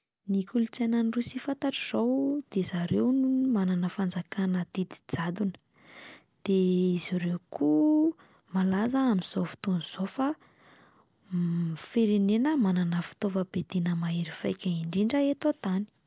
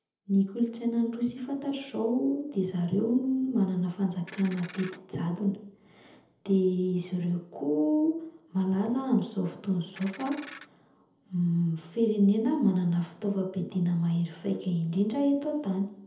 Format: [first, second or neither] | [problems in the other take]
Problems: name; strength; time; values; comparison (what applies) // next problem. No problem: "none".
first | background sound (Ratchet, pawl); 17 dB below the speech // room echo; dies away in 0.7 s